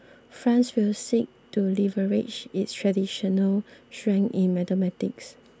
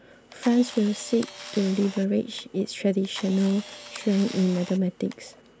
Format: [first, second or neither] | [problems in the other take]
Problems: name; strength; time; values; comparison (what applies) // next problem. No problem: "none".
first | background sound (Camera); 17 dB below the speech